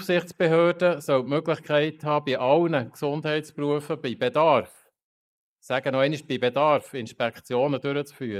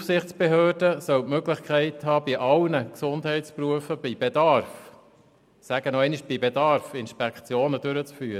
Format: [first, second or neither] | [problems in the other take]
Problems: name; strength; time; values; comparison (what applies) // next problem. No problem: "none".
second | noise reduction (neural mask model Resemble Enhance denoiser)